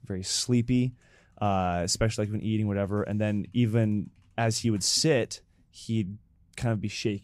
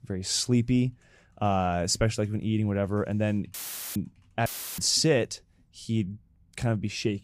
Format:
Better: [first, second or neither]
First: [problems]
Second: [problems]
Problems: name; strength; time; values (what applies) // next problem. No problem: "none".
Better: first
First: none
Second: audio cutting out; filled with static; at 3.5 s and at 4.5 s